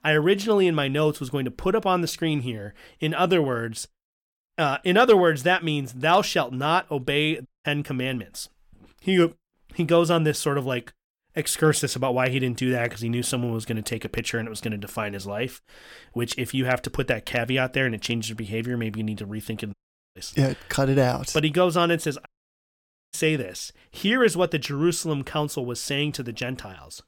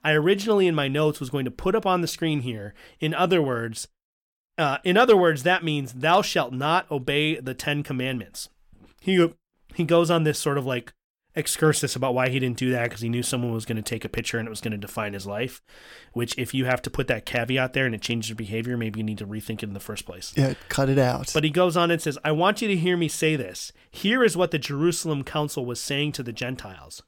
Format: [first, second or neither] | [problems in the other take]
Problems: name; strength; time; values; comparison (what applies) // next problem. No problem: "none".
second | audio cutting out; at 7.5 s, at 20 s and at 22 s for 1 s